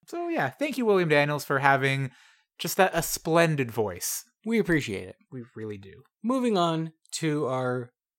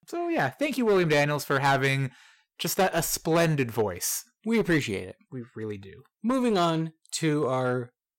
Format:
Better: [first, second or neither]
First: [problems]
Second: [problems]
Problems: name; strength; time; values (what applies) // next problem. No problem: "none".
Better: first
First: none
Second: distortion; slight; 5% of the sound clipped